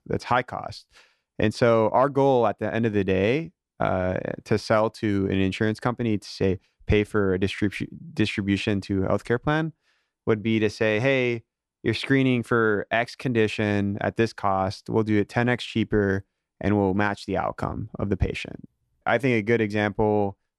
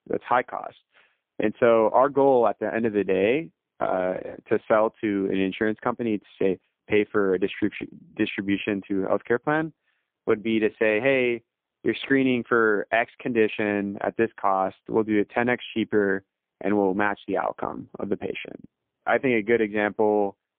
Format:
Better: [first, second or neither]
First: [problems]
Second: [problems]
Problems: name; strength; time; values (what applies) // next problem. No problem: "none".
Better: first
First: none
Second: phone-call audio; poor line